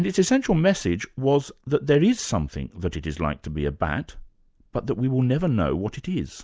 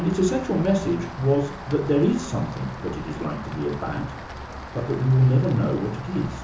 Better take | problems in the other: first | background sound (Rain); 12 dB below the speech // room echo; dies away in 0.6 s

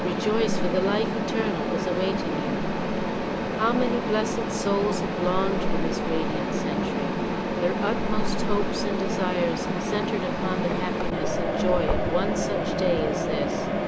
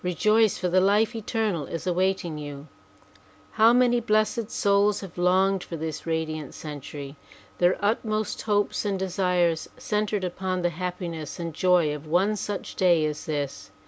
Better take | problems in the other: second | background sound (Mechanisms); 4 dB above the speech

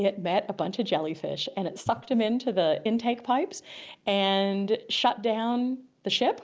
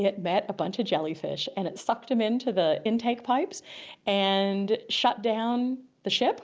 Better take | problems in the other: second | background sound (Breathing); 15 dB below the speech

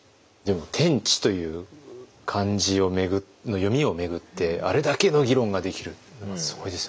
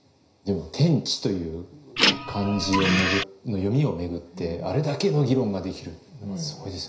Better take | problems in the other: first | background sound (Printer); 2 dB above the speech // room echo; dies away in 0.5 s

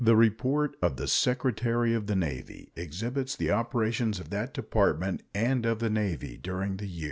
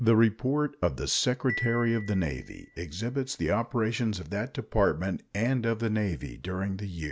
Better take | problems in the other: first | background sound (Marimba, xylophone); 15 dB below the speech

